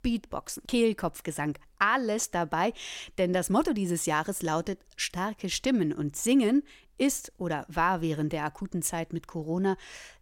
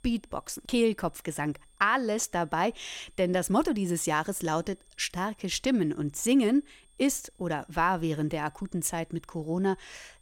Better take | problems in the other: first | high-pitched whine; faint; throughout; 8.5 kHz, 35 dB below the speech

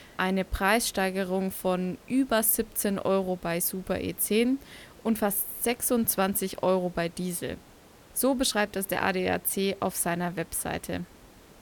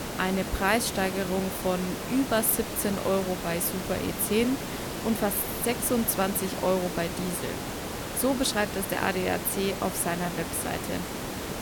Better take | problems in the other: first | hiss; loud; throughout; 6 dB below the speech; faint in the first

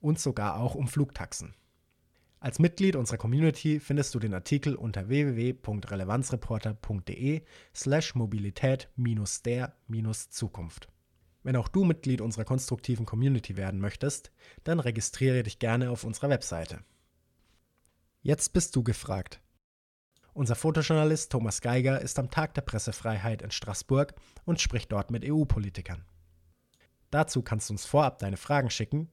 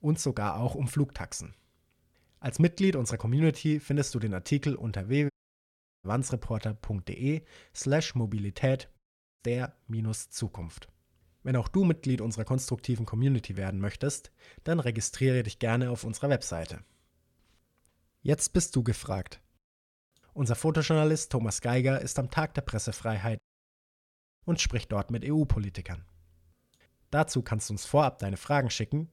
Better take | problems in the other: first | audio cutting out; at 5.5 s for 0.5 s, at 9 s and at 23 s for 1 s

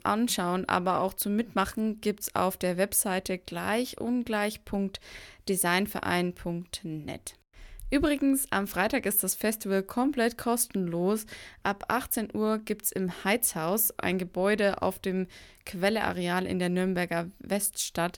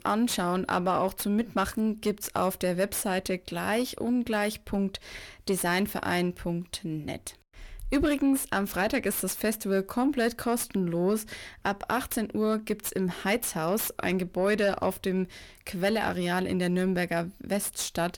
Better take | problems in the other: first | distortion; slight; 10 dB below the speech

